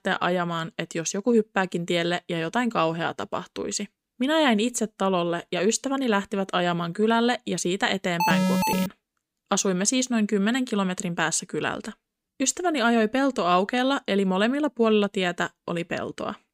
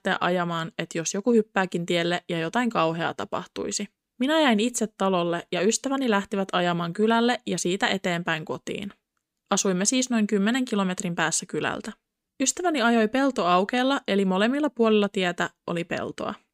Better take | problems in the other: second | alarm; loud; at 8 s; peak 2 dB above the speech

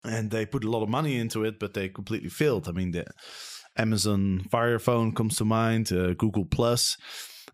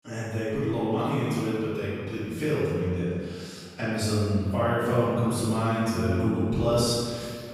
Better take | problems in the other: first | off-mic speech; far // room echo; strong; dies away in 1.9 s

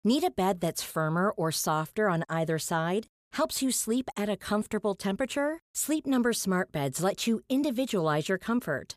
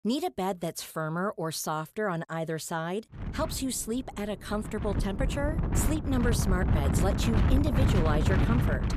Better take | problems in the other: first | wind noise on the microphone; heavy; from 3 s on; 3 dB below the speech

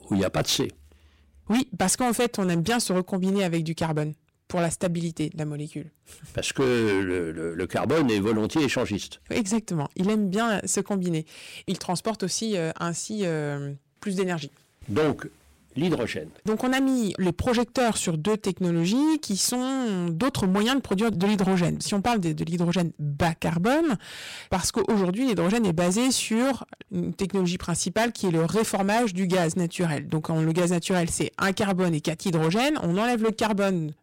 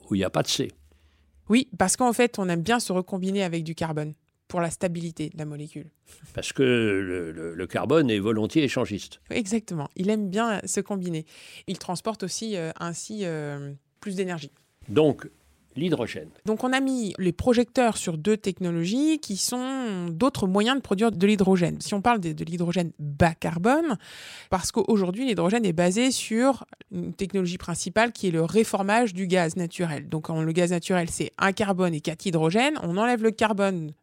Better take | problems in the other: second | distortion; heavy; 12% of the sound clipped

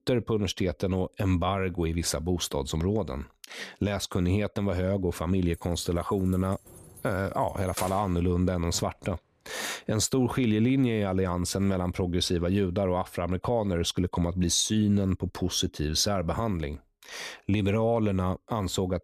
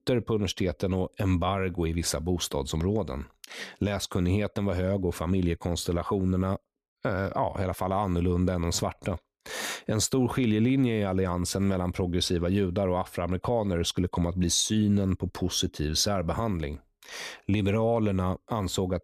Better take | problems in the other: second | jangling keys; noticeable; from 5.5 to 8 s; peak 8 dB below the speech

